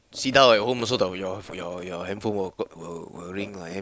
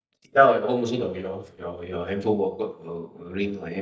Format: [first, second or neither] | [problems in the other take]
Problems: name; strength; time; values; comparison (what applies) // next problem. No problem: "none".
first | noise reduction (neural mask model DeepFilterNet 3)